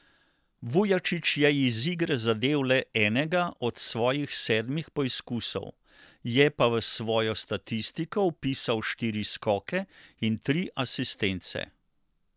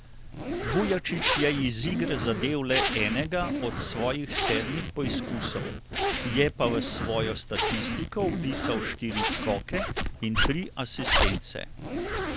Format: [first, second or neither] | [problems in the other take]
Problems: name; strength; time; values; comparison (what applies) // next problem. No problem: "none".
first | background sound (Zipper (clothing)); as loud as the speech